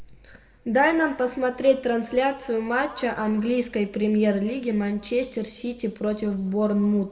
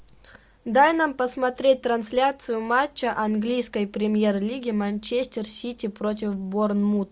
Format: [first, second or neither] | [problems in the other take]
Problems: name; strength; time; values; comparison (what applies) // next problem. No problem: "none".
second | room echo; dies away in 1 s